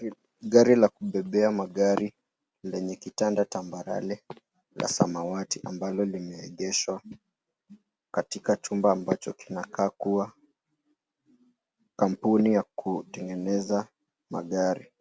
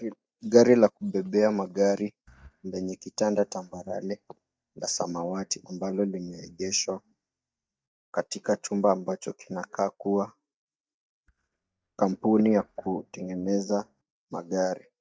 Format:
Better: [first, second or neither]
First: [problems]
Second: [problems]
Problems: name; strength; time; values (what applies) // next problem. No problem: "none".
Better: first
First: none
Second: noise reduction (neural mask model DeepFilterNet 3)